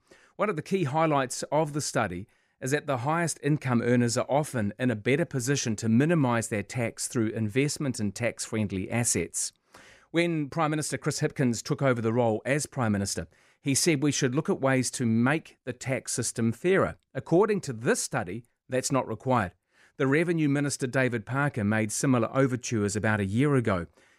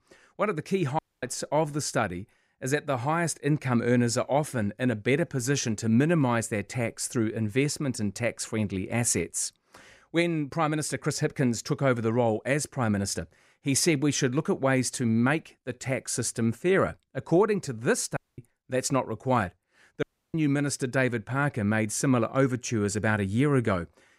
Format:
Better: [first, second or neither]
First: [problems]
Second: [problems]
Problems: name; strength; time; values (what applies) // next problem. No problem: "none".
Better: first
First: none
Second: audio cutting out; at 1 s, at 18 s and at 20 s